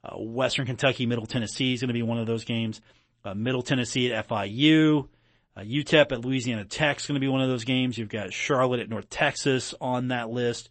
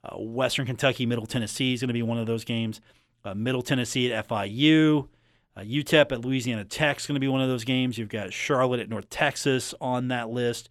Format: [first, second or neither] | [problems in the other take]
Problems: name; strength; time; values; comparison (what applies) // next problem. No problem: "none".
second | garbled, watery; slightly; nothing above 8 kHz